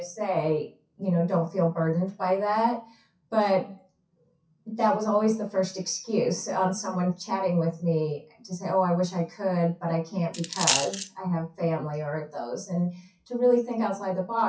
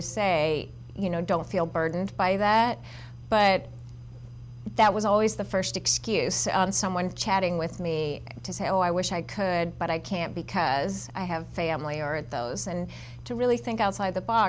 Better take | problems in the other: second | noise reduction (classical method WPE with log-MMSE)

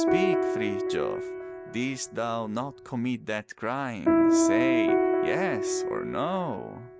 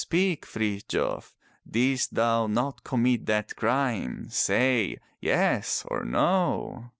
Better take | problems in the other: second | background sound (Piano); 5 dB above the speech

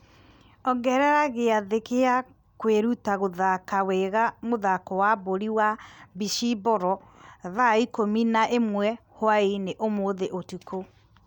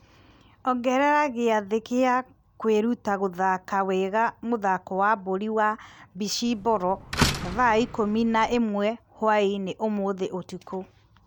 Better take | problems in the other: first | background sound (Slam); 6 dB below the speech

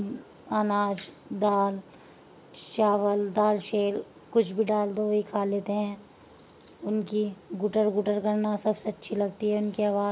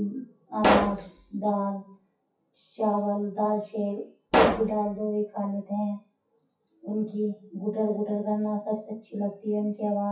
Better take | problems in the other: first | noise reduction (classical method WPE with log-MMSE)

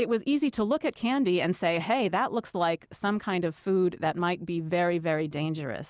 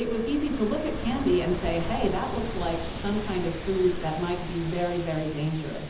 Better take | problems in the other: first | background sound (Ocean); 6 dB below the speech // room echo; dies away in 1.2 s

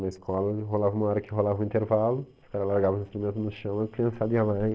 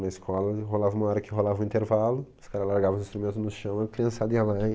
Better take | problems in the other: second | noise reduction (neural separator model SepFormer DNS4)

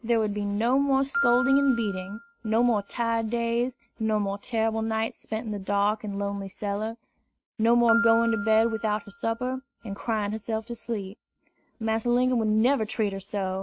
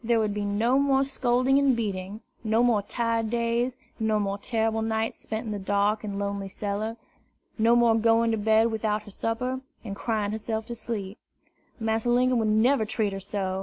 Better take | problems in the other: second | noise reduction (neural mask model RNNoise)

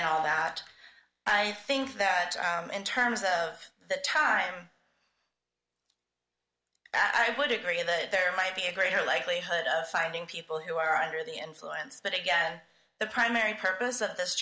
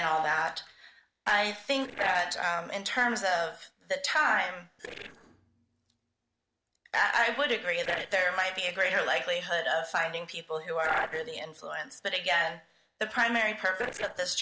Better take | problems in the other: first | noise reduction (neural separator model SepFormer DNS4)

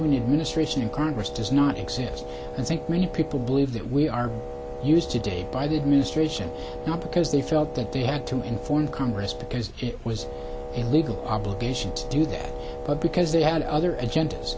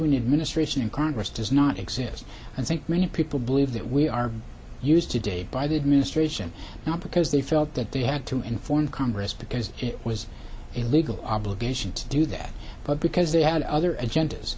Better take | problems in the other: second | background sound (Wind instrument, woodwind instrument); 10 dB below the speech

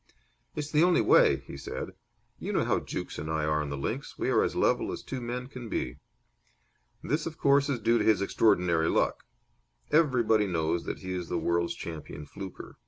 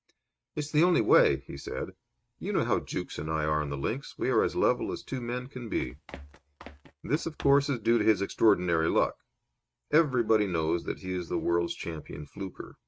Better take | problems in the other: first | noise reduction (neural mask model RNNoise)

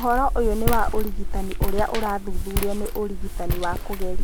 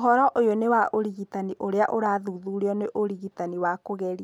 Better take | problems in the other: second | background sound (Walk, footsteps); 4 dB above the speech

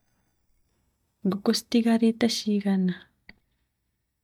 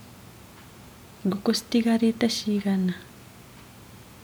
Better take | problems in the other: second | noise reduction (neural mask model DeepFilterNet 3)

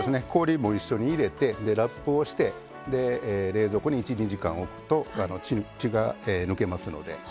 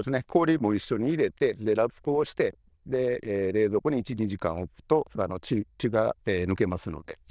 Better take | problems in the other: first | noise reduction (neural diffusion model UNIVERSE++)

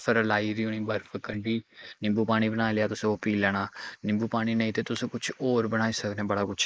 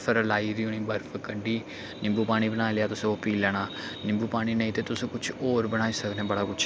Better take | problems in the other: second | noise reduction (neural mask model Resemble Enhance denoiser)

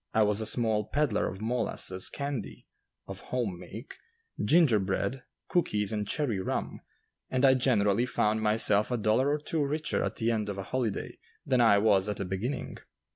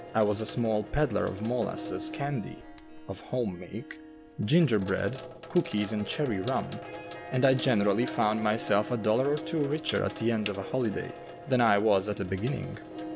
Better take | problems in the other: first | background sound (Sink (filling or washing) + Harp); 12 dB below the speech

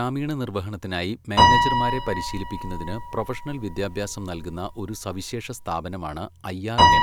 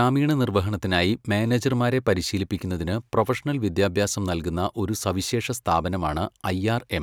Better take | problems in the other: second | background sound (Piano); 5 dB above the speech

